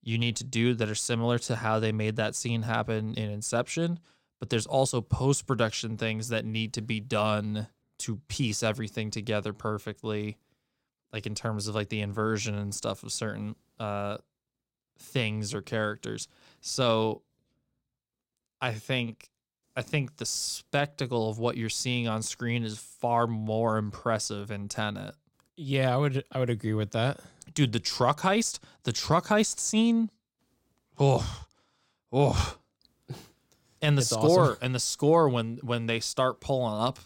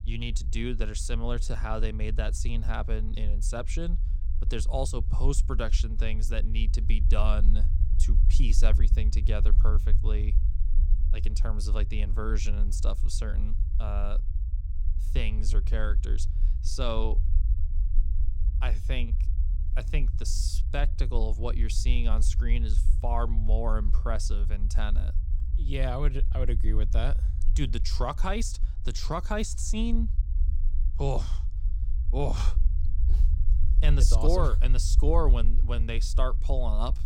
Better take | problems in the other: first | low rumble; noticeable; throughout; 15 dB below the speech

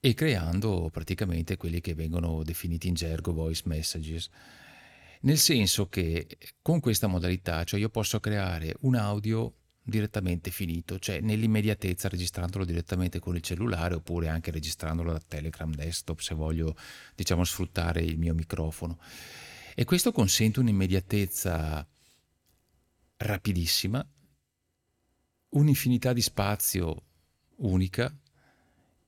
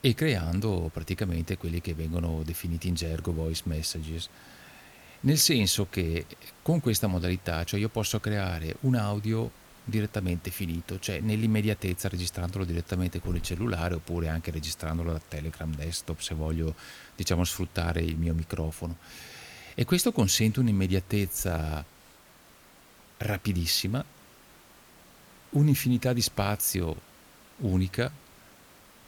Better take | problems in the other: first | hiss; faint; throughout; 25 dB below the speech

